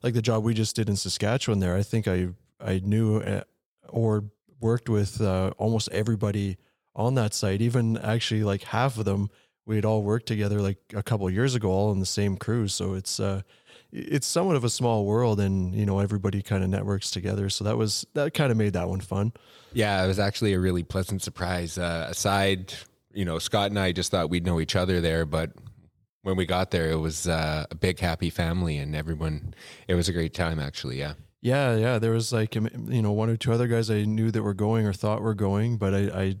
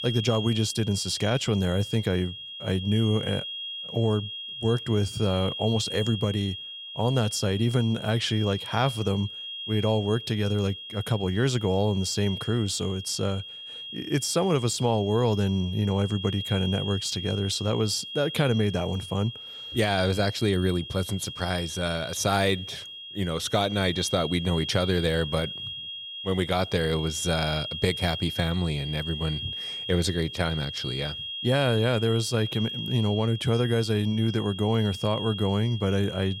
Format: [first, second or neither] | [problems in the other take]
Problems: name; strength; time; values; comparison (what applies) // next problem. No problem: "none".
first | high-pitched whine; loud; throughout; 3.5 kHz, 8 dB below the speech